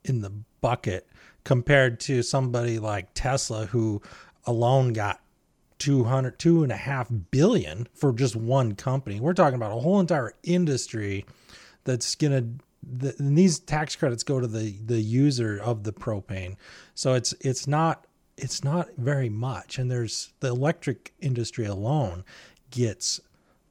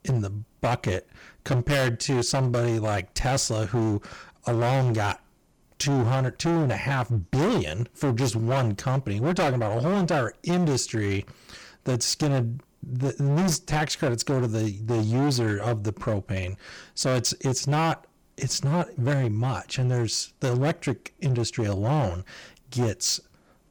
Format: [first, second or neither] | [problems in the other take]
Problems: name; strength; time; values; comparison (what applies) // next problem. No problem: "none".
first | distortion; heavy; 18% of the sound clipped